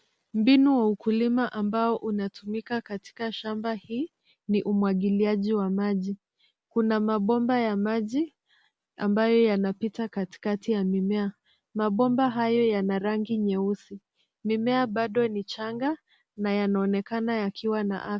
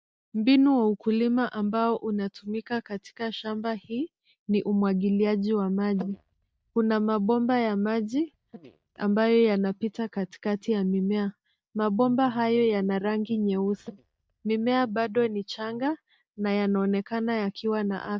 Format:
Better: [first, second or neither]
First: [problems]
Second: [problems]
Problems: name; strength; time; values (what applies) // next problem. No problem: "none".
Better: first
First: none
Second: noise reduction (neural mask model DeepFilterNet 3)